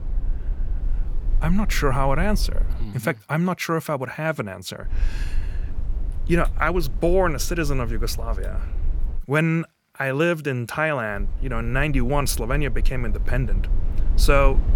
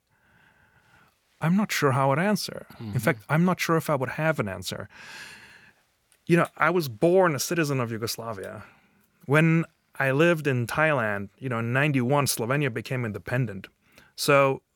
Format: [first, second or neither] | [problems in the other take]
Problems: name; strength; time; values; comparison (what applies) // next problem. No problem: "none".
second | low rumble; faint; until 3 s, from 5 to 9 s and from 11 s on; 20 dB below the speech